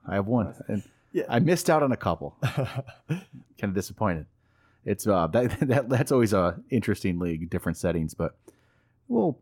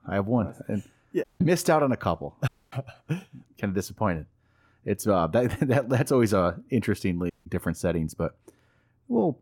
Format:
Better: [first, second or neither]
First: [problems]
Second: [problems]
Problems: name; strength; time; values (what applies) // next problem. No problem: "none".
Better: first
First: none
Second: audio cutting out; at 1 s, at 2.5 s and at 7.5 s